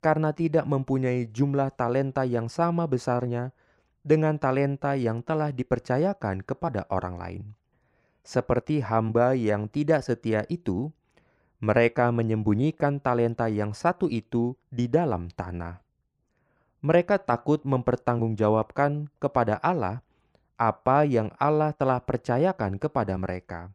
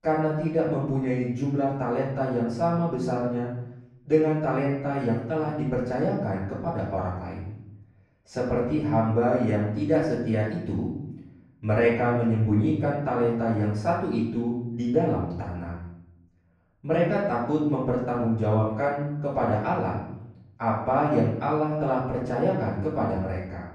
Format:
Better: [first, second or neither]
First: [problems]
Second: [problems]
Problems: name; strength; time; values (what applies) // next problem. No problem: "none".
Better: first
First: none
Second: off-mic speech; far // room echo; noticeable; dies away in 0.8 s